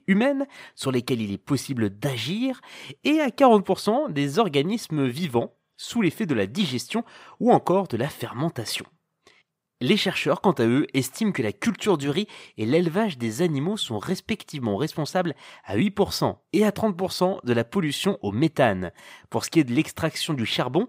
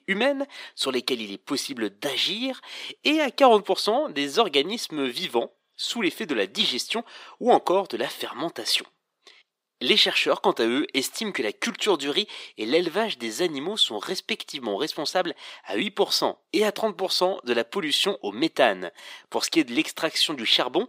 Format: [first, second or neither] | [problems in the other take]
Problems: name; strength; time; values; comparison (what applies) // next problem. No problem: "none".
first | thin; somewhat; fading below 300 Hz